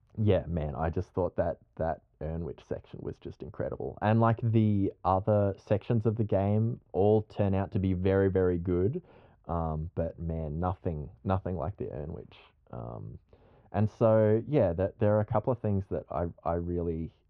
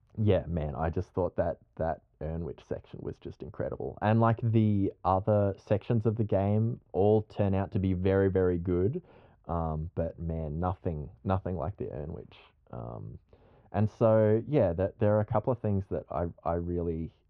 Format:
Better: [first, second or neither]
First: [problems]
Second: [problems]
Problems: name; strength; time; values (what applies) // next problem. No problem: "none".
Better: neither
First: muffled; very; fading above 1 kHz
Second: muffled; very; fading above 1 kHz